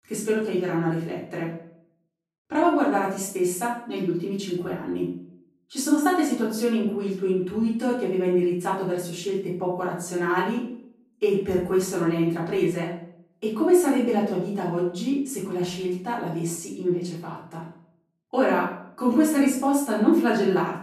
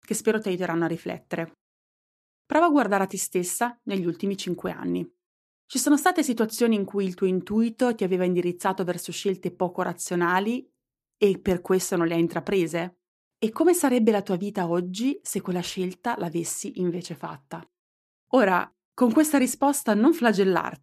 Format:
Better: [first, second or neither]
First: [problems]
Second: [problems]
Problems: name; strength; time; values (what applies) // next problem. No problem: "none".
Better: second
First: off-mic speech; far // room echo; noticeable; dies away in 0.5 s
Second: none